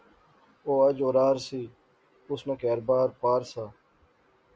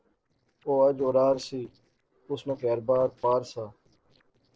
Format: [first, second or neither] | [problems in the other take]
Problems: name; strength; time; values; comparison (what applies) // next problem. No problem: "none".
first | noise reduction (neural separator model SepFormer DNS4)